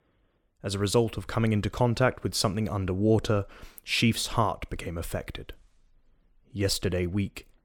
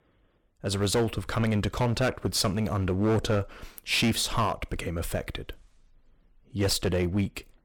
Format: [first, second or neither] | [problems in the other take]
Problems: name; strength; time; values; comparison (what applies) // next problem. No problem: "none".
first | distortion; heavy; 8% of the sound clipped